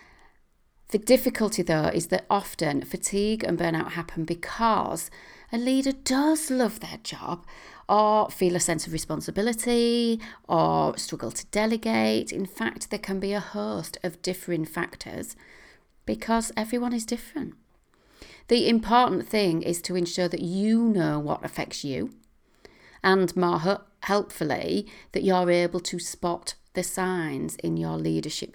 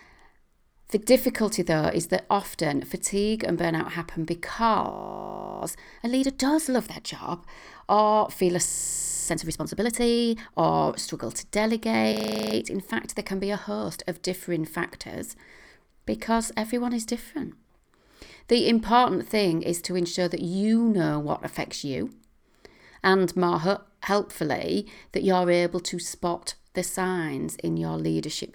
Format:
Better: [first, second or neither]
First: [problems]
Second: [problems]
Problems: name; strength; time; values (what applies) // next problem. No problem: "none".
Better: first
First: none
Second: audio freezing; at 5 s for 0.5 s, at 8.5 s for 0.5 s and at 12 s